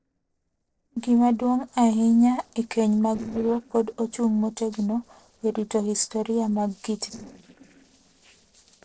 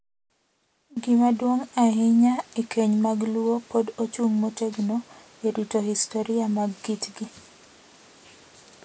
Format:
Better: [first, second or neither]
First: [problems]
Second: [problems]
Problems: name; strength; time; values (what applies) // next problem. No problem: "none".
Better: second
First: noise reduction (neural separator model SepFormer DNS4)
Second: none